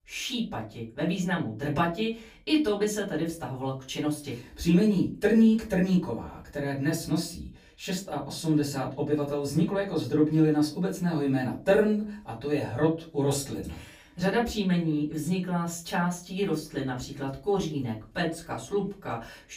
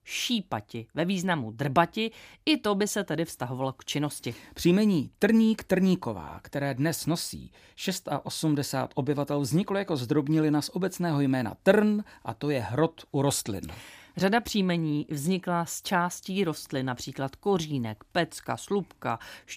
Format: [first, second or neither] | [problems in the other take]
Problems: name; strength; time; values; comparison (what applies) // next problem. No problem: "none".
second | off-mic speech; far // room echo; very slight; dies away in 0.3 s